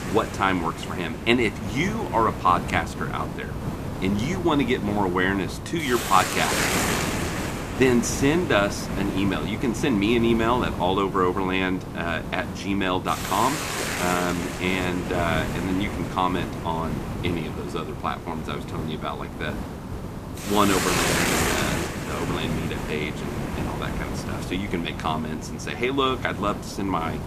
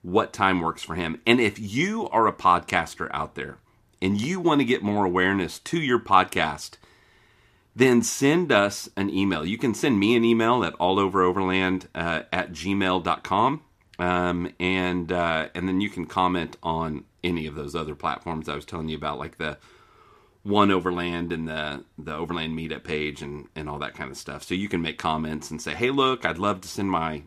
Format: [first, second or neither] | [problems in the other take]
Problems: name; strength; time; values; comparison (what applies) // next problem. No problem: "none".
second | hiss; loud; throughout; 4 dB below the speech